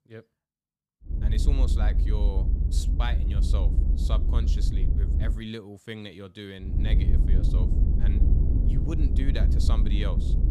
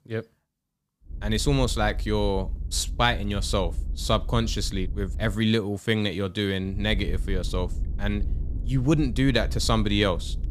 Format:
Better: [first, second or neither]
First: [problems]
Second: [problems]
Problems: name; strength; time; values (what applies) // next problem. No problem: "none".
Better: second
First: low rumble; loud; from 1 to 5.5 s and from 6.5 s on; 2 dB below the speech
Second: low rumble; faint; from 1 to 5.5 s and from 6.5 s on; 25 dB below the speech